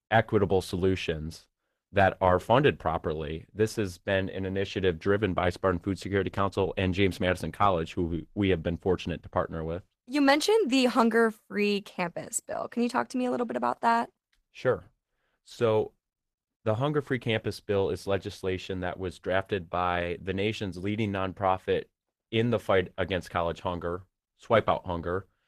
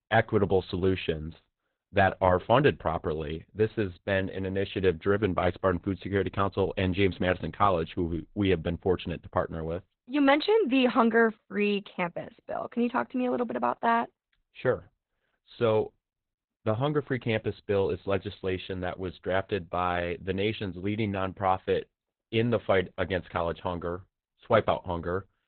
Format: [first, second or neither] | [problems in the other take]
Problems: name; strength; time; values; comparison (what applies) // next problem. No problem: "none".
first | garbled, watery; badly; nothing above 4 kHz; slightly in the first